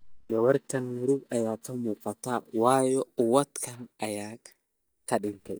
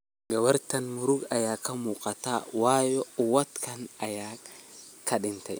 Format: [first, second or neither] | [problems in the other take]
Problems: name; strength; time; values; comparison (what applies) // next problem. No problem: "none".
second | noise reduction (neural mask model DeepFilterNet 3)